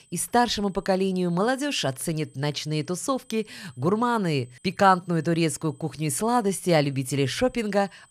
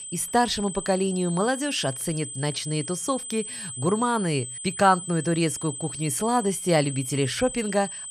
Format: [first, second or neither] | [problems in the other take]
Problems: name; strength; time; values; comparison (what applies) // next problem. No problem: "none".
first | high-pitched whine; loud; throughout; 8 kHz, 8 dB below the speech; faint in the first